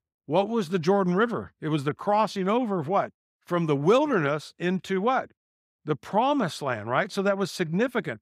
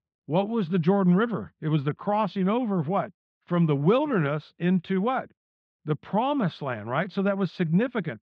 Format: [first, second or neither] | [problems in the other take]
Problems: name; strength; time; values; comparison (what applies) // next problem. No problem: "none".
first | muffled; slightly; fading above 3.5 kHz